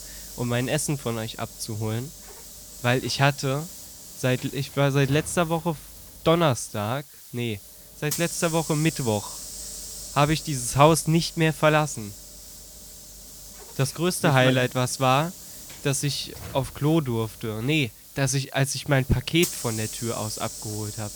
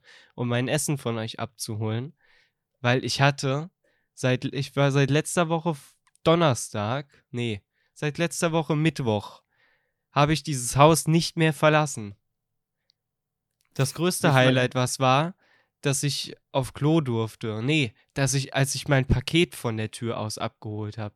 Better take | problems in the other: second | hiss; noticeable; throughout; 10 dB below the speech

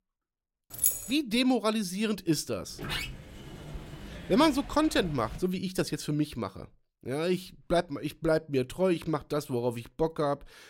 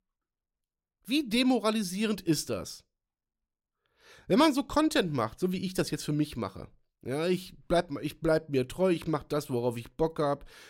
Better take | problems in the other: second | jangling keys; loud; at 0.5 s; peak 3 dB above the speech // door banging; noticeable; from 2.5 to 5.5 s; peak 4 dB below the speech

